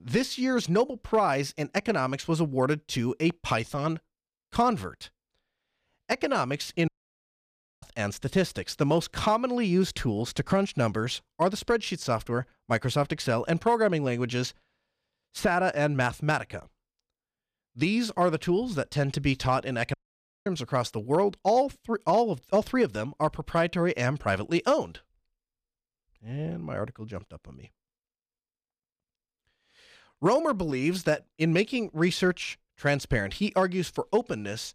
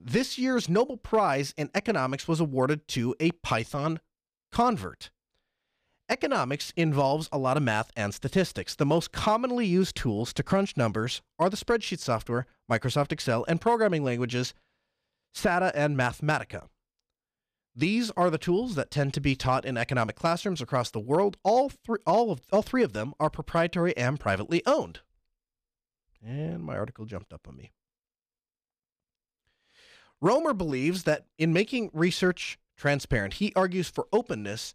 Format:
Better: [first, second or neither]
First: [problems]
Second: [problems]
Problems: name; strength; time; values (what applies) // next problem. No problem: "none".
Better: second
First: audio cutting out; at 7 s for 1 s and at 20 s for 0.5 s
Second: none